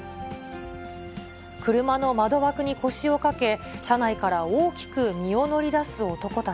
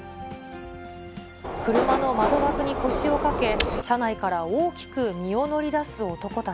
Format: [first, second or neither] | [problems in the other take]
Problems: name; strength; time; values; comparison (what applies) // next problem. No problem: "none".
first | background sound (Subway, metro, underground + Shatter); as loud as the speech